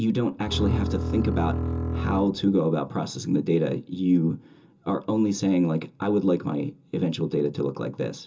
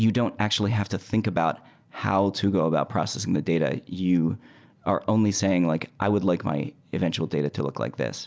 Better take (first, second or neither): second